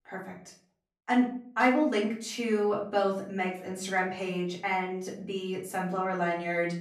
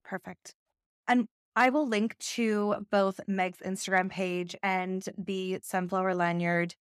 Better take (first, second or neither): second